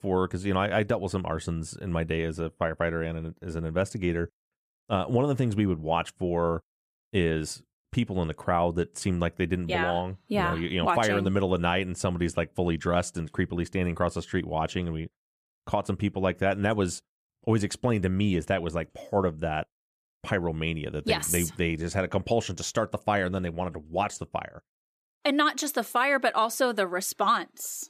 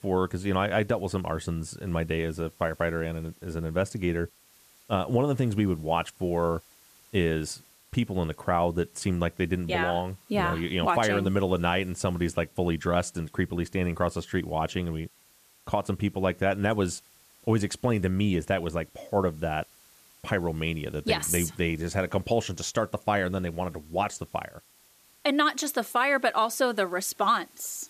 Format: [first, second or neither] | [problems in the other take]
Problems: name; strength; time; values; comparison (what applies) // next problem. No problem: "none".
first | hiss; faint; throughout; 30 dB below the speech